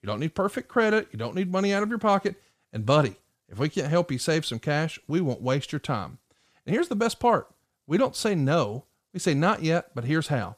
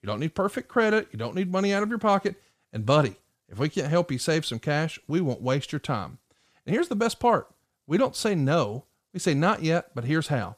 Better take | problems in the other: neither | none

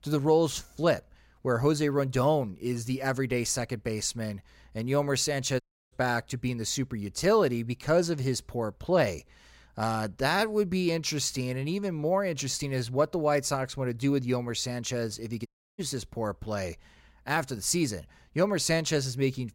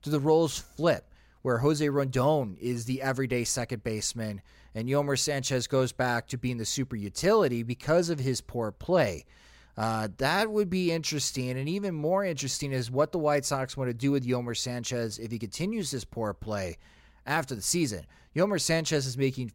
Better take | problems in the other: second | audio cutting out; at 5.5 s and at 15 s

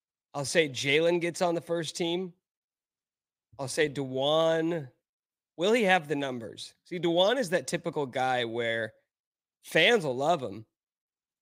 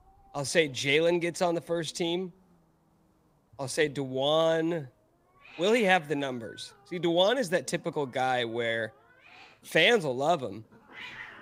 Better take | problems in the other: first | hiss; faint; throughout; 25 dB below the speech

